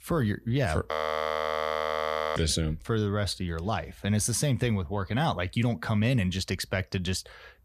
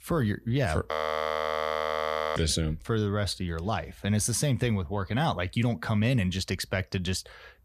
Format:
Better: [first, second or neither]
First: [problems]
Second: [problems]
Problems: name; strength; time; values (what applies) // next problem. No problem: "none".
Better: neither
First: audio freezing; at 1 s for 1.5 s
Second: audio freezing; at 1 s for 1.5 s